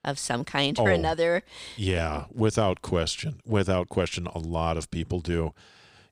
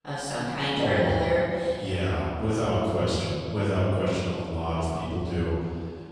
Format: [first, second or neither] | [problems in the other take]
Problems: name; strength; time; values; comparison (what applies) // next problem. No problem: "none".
first | off-mic speech; far // room echo; strong; dies away in 2 s